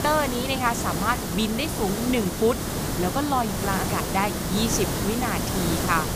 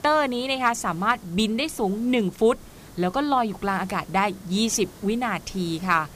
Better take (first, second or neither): second